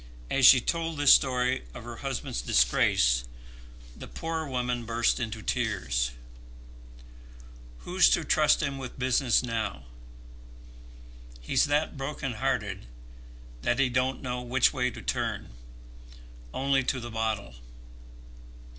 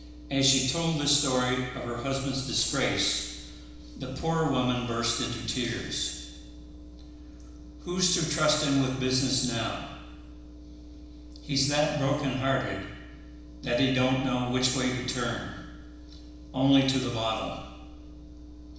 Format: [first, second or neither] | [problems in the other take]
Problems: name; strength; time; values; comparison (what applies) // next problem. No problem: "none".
first | room echo; dies away in 1 s